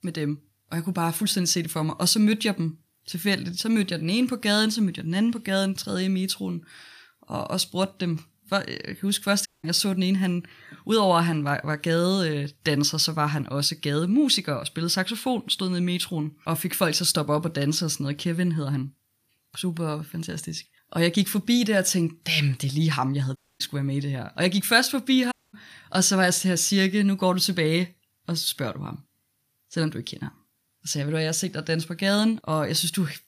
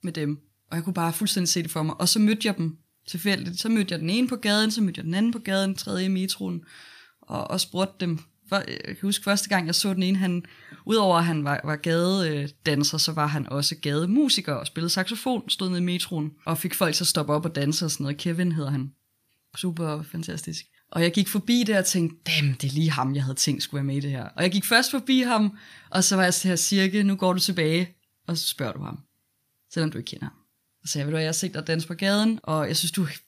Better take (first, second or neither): second